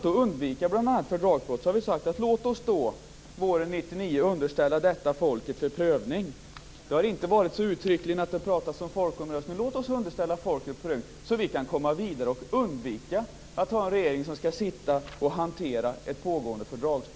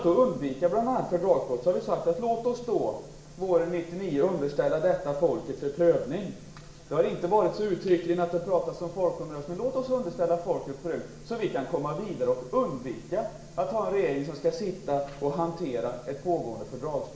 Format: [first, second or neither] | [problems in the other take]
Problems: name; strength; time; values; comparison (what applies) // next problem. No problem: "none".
first | room echo; dies away in 0.8 s